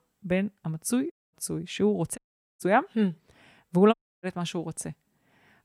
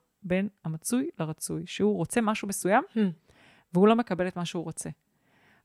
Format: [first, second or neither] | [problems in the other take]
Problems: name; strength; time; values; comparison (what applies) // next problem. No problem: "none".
second | audio cutting out; at 1 s, at 2 s and at 4 s